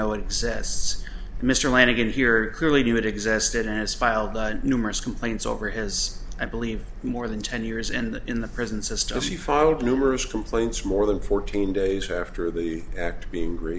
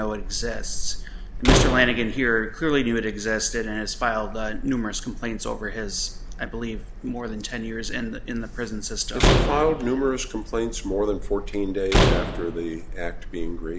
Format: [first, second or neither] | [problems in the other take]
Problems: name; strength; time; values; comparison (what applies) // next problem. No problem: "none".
first | background sound (Slam); 2 dB above the speech